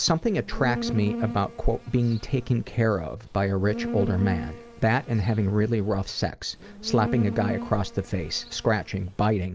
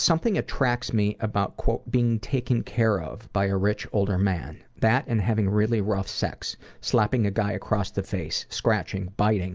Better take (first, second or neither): second